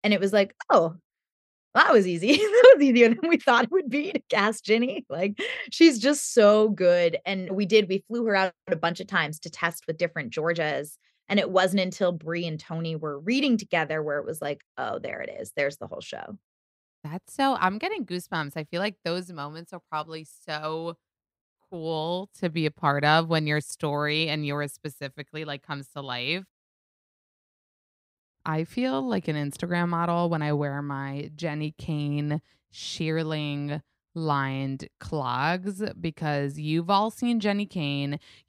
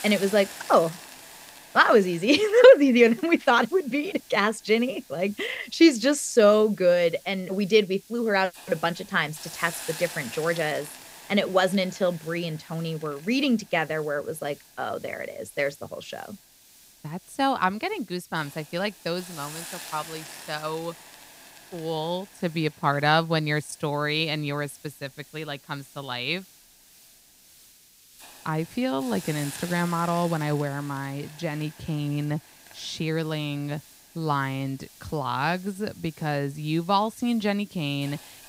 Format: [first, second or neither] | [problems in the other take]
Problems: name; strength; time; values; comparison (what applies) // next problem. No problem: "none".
first | hiss; noticeable; throughout; 20 dB below the speech